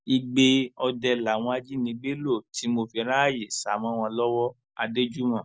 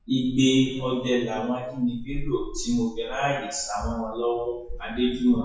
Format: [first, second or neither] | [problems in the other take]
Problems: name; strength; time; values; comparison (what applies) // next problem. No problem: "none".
first | noise reduction (classical method WPE with log-MMSE)